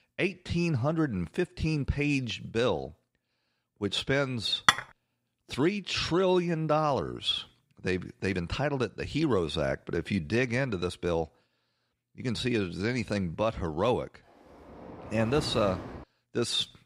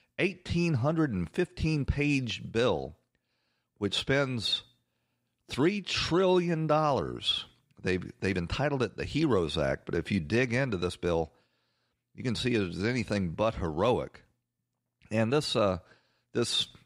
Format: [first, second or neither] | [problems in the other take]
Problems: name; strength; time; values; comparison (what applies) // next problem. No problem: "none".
second | clattering dishes; loud; at 4.5 s; peak 5 dB above the speech // door banging; noticeable; from 15 to 16 s; peak 7 dB below the speech